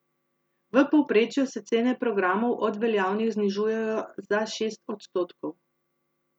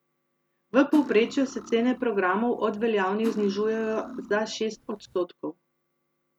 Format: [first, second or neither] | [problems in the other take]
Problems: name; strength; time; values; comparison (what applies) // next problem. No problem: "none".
first | background sound (Cutlery, silverware); 14 dB below the speech